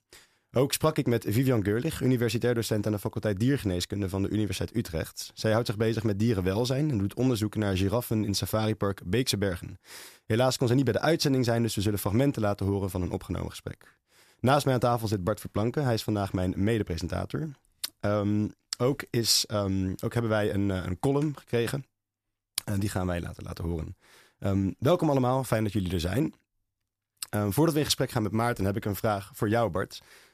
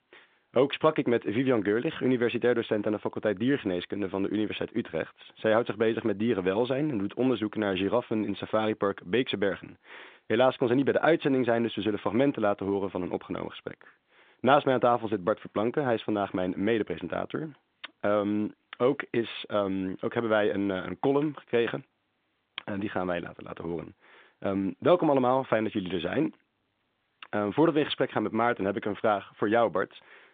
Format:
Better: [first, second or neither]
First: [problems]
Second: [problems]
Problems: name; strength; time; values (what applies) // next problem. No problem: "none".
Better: first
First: none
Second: phone-call audio; nothing above 3.5 kHz